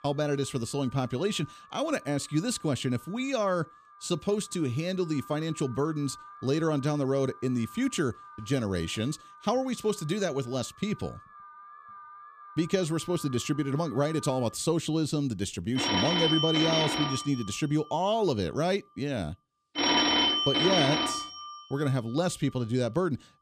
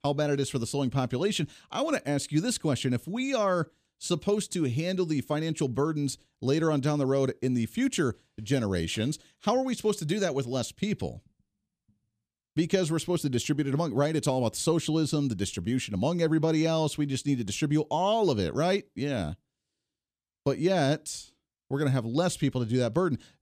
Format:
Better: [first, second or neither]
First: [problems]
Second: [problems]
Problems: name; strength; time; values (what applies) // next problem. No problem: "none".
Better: second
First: alarms or sirens; very loud; throughout; 3 dB above the speech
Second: none